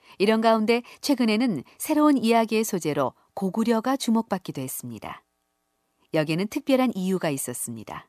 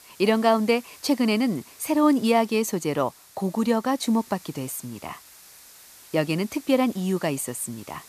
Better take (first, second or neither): first